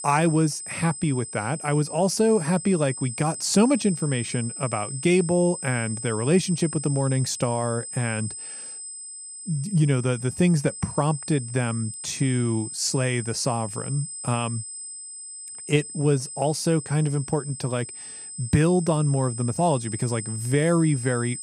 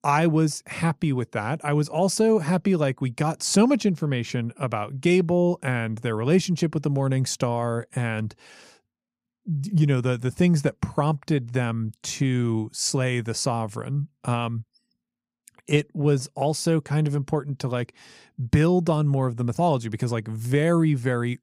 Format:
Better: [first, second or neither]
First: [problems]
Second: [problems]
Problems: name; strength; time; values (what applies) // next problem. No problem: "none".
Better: second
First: high-pitched whine; loud; throughout; 8 kHz, 9 dB below the speech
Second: none